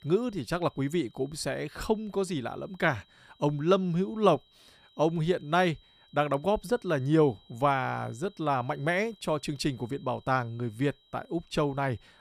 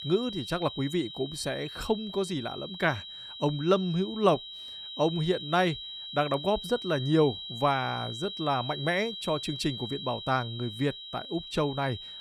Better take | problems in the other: first | high-pitched whine; loud; throughout; 4 kHz, 9 dB below the speech; faint in the first

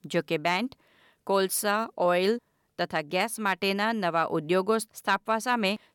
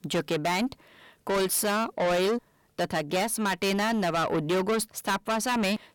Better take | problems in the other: first | distortion; heavy; 6 dB below the speech

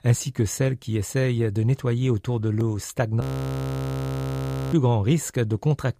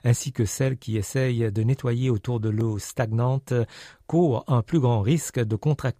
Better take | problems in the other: second | audio freezing; at 3 s for 1.5 s

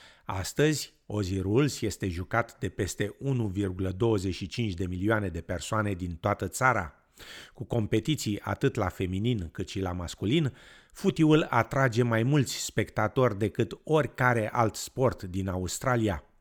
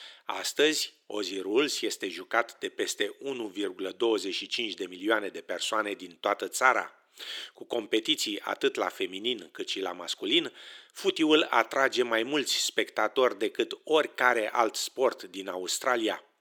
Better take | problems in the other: first | thin; somewhat; fading below 350 Hz

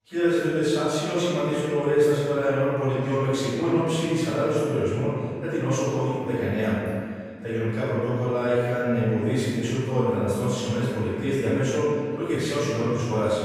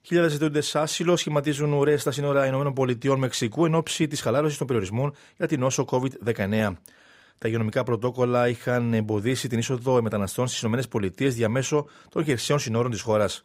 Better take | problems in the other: second | off-mic speech; far // room echo; strong; dies away in 2.1 s

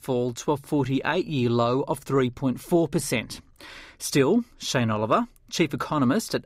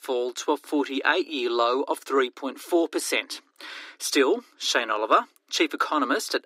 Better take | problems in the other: first | thin; somewhat; fading below 300 Hz

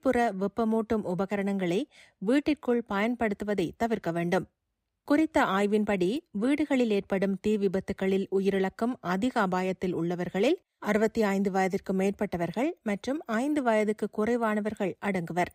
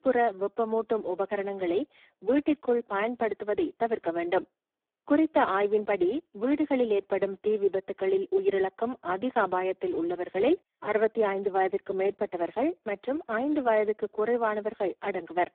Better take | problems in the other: first | phone-call audio; poor line; nothing above 3.5 kHz

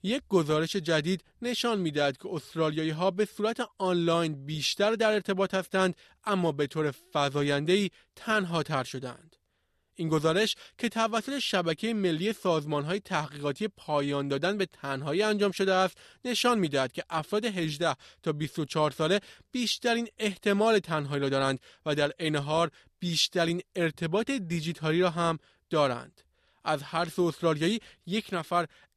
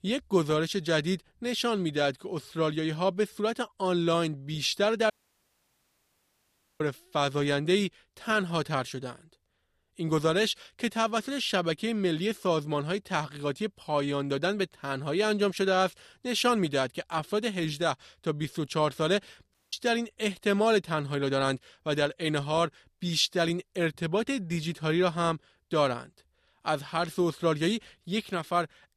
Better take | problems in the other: first | audio cutting out; at 5 s for 1.5 s and at 20 s

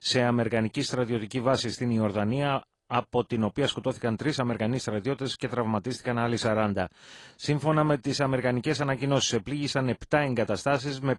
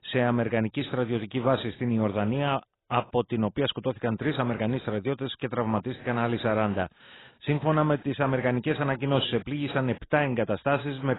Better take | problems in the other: first | garbled, watery; badly; nothing above 4 kHz; slightly in the first

